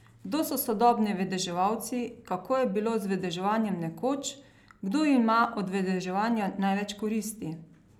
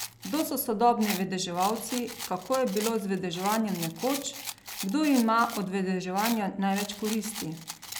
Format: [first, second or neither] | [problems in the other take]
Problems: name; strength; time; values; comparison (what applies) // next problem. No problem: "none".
first | background sound (Rattle); 11 dB below the speech